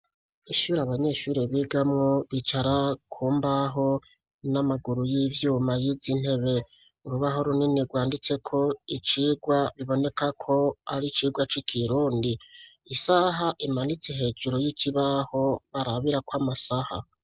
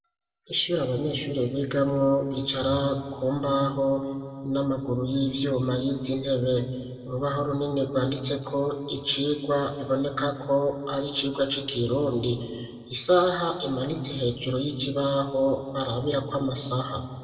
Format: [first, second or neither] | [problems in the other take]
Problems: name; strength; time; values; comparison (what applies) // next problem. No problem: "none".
first | room echo; dies away in 1.8 s